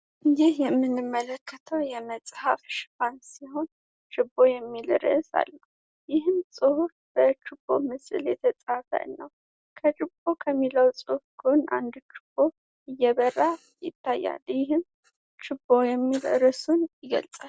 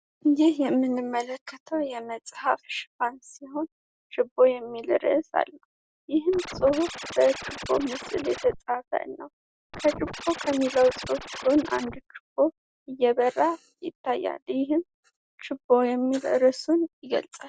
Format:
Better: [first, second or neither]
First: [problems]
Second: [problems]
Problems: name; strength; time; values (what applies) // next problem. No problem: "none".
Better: first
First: none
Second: background sound (Scratching (performance technique)); 12 dB below the speech